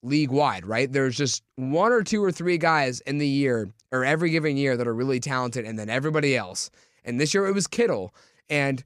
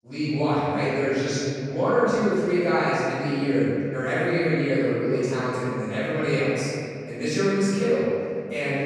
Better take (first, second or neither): first